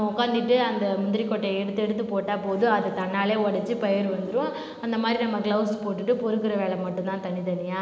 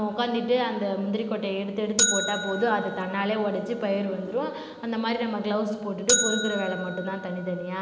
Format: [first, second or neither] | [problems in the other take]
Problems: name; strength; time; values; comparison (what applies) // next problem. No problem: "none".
first | background sound (Bell); 5 dB below the speech